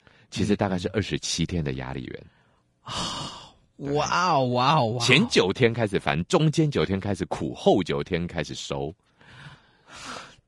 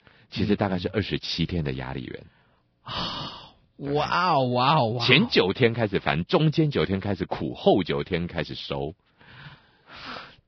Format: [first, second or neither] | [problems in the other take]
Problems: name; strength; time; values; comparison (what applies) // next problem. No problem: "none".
first | garbled, watery; badly; nothing above 5.5 kHz; slightly in the first